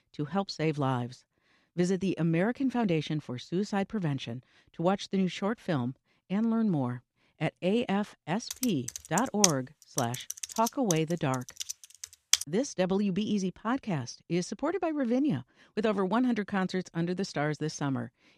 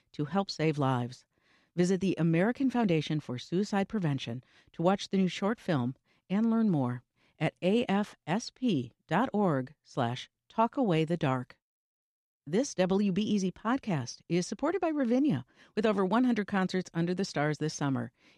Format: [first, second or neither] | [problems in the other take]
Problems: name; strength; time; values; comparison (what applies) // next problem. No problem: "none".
second | keyboard typing; loud; from 8.5 to 12 s; peak 5 dB above the speech